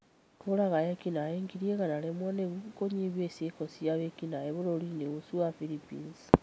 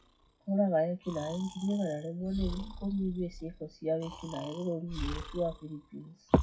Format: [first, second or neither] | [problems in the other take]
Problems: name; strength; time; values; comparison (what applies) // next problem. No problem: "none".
first | noise reduction (classical method WPE with log-MMSE)